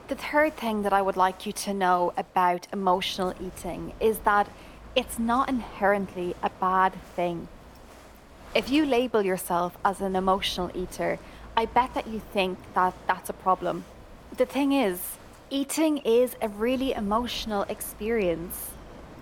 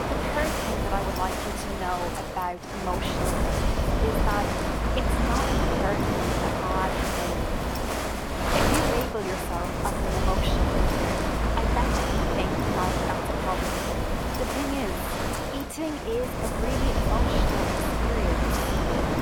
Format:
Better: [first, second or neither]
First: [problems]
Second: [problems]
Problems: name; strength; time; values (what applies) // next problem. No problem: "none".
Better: first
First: wind noise on the microphone; occasional gusts; 20 dB below the speech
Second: wind noise on the microphone; heavy; 4 dB above the speech